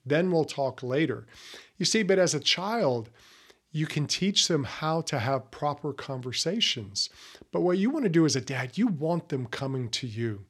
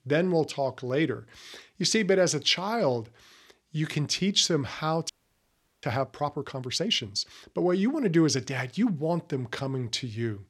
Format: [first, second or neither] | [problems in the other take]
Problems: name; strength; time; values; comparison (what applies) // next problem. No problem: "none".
first | audio freezing; at 5 s for 0.5 s